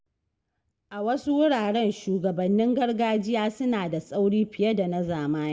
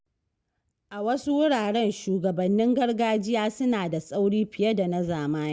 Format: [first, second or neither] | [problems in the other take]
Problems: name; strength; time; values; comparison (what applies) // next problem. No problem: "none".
second | room echo; dies away in 1.1 s